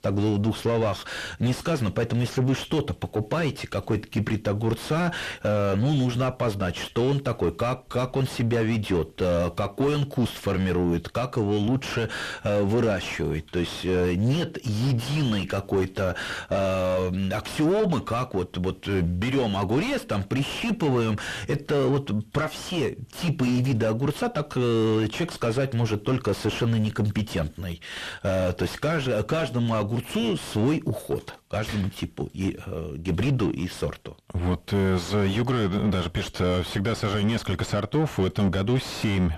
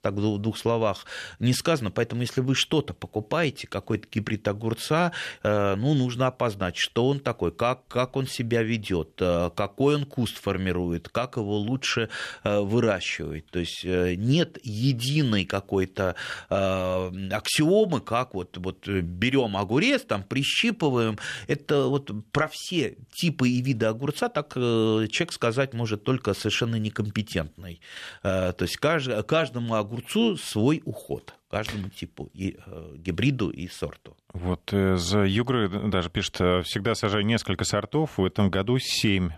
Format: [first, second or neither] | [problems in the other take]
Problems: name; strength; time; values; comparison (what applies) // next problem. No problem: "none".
second | distortion; heavy; 5 dB below the speech